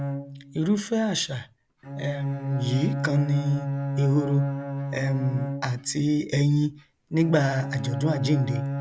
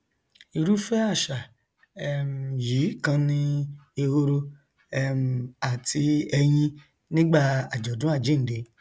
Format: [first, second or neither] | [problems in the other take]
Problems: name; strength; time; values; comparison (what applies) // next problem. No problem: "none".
second | background sound (Bowed string instrument); 4 dB below the speech